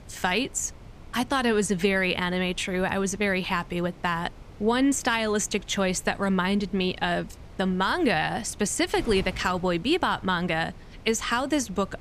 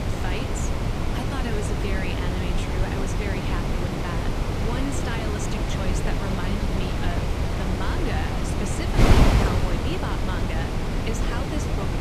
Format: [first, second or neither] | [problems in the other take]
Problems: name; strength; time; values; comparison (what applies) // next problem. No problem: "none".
first | wind noise on the microphone; heavy; 4 dB above the speech; occasional gusts in the first